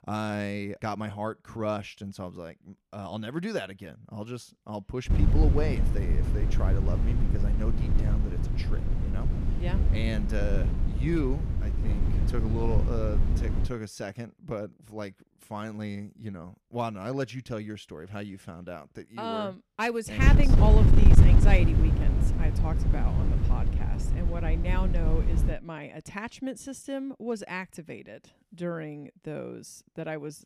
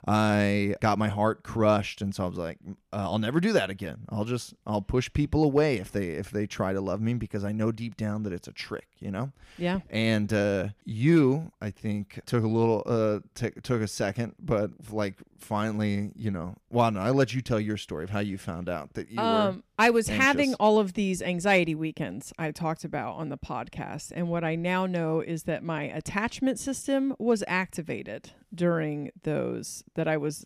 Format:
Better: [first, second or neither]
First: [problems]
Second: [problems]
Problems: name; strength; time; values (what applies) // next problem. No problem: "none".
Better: second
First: wind noise on the microphone; heavy; from 5 to 14 s and from 20 to 26 s; 3 dB below the speech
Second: none